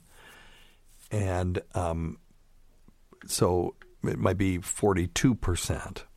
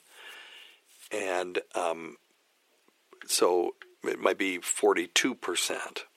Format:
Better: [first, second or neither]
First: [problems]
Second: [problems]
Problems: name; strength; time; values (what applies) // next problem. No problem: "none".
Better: first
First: none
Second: thin; somewhat; fading below 350 Hz